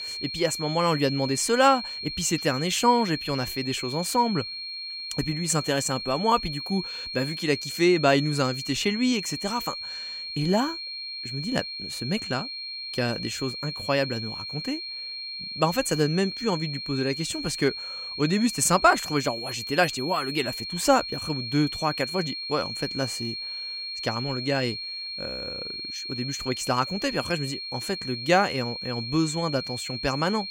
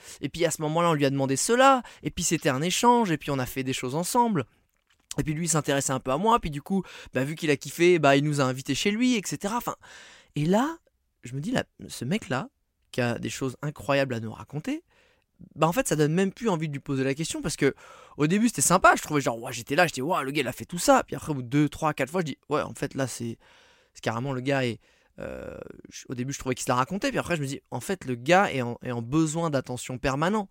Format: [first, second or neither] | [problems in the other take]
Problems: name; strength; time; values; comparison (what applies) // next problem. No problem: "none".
second | high-pitched whine; loud; throughout; 4.5 kHz, 6 dB below the speech